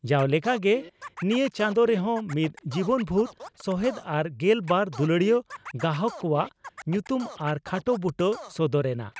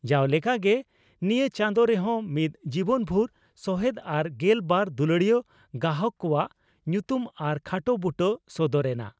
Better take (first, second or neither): second